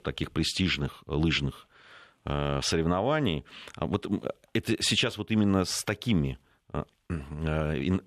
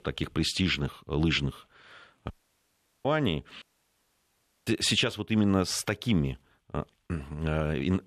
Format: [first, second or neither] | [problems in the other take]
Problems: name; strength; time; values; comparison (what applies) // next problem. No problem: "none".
first | audio cutting out; at 2.5 s for 1 s and at 3.5 s for 1 s